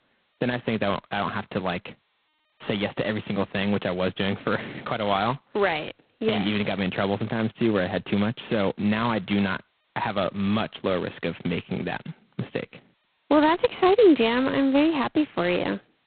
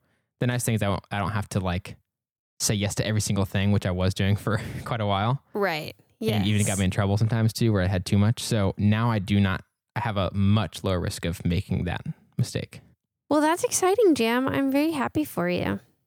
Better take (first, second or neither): second